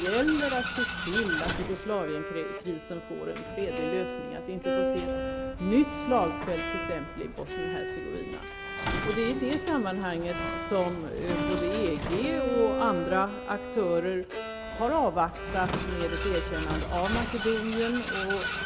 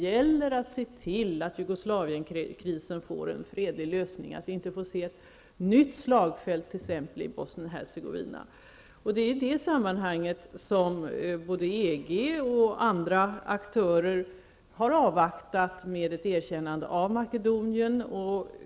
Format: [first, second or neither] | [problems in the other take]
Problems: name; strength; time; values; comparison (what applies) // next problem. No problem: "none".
second | background sound (Vehicle + Bowed string instrument); 3 dB below the speech